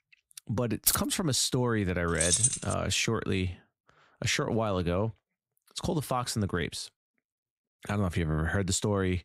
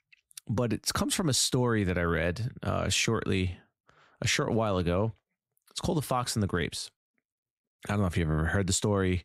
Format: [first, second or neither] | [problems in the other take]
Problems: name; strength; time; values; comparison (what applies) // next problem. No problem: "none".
second | jangling keys; loud; at 1 s and at 2 s; peak 6 dB above the speech